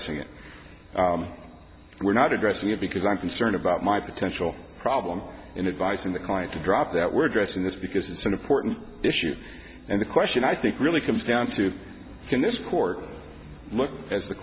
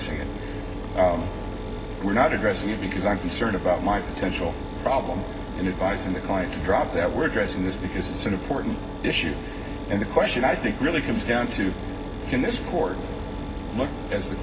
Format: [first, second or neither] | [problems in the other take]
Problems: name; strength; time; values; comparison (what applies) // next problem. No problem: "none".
first | background sound (Mechanisms); 6 dB below the speech // room echo; dies away in 0.4 s